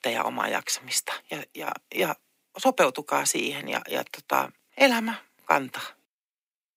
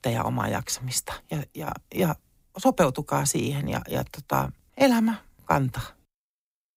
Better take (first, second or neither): second